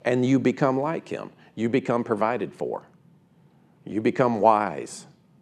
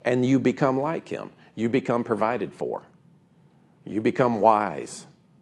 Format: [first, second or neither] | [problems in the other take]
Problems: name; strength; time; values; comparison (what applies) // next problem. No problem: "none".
first | garbled, watery; slightly